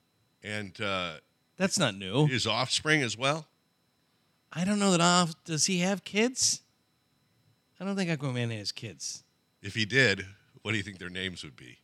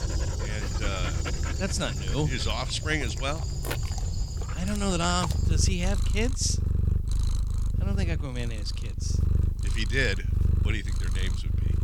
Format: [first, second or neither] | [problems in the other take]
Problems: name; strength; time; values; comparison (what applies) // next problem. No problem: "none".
first | animal sounds; very loud; throughout; 2 dB above the speech